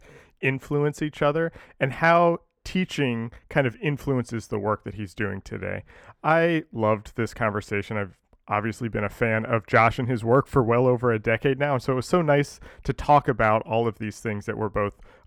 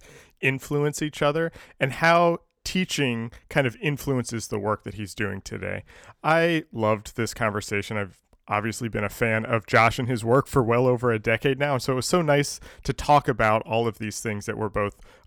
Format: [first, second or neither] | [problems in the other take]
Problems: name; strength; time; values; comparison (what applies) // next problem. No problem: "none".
second | muffled; slightly; fading above 3 kHz